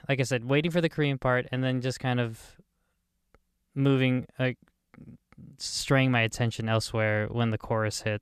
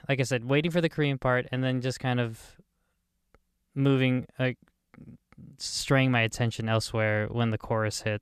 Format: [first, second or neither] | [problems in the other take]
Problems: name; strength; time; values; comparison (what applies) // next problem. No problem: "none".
neither | none